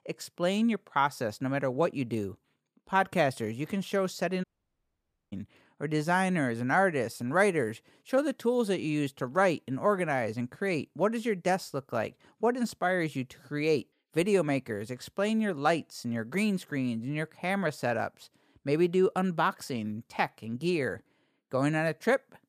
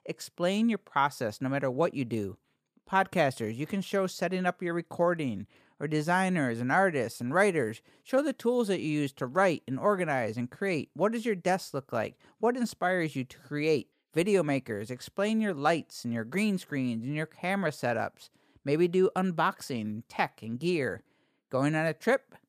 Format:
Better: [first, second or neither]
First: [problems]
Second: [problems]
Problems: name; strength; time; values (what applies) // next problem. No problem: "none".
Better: second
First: audio cutting out; at 4.5 s for 1 s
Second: none